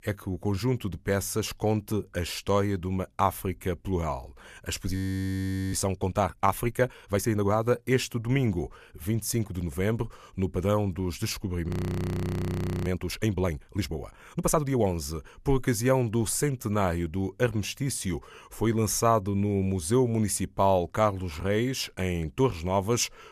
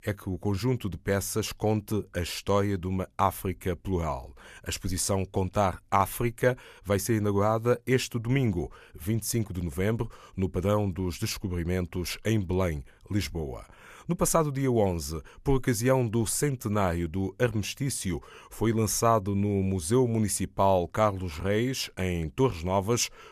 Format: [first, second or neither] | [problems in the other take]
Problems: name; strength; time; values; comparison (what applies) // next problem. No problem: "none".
second | audio freezing; at 5 s for 1 s and at 12 s for 1 s